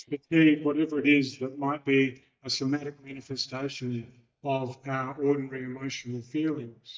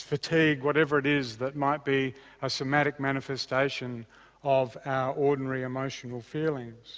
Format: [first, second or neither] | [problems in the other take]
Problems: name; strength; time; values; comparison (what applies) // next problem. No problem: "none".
second | noise reduction (neural mask model DeepFilterNet 3)